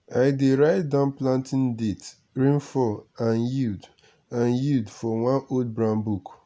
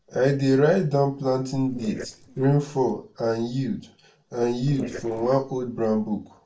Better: first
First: none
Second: noise reduction (neural separator model SepFormer DNS4)

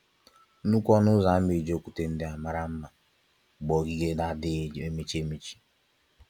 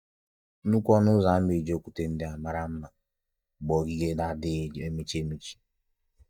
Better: first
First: none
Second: noise reduction (neural mask model DeepFilterNet 3)

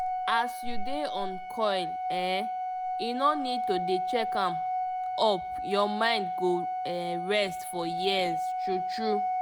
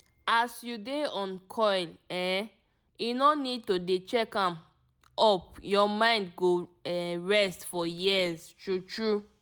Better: second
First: background sound (Organ); as loud as the speech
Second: none

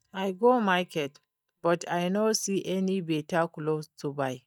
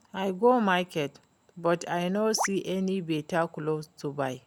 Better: second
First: noise reduction (neural mask model DeepFilterNet 3)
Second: none

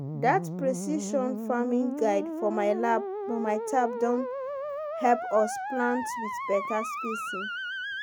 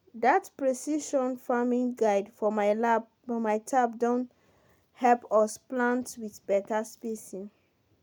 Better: second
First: background sound (Musical instrument); 5 dB below the speech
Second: none

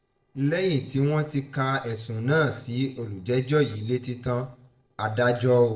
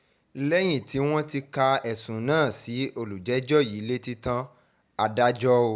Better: second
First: noise reduction (neural separator model SepFormer DNS4)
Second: none

